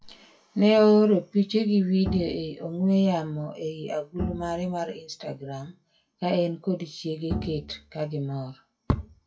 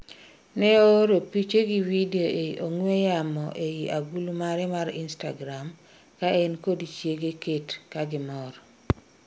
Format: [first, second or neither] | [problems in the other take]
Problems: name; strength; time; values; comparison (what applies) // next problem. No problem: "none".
second | noise reduction (classical method WPE with log-MMSE)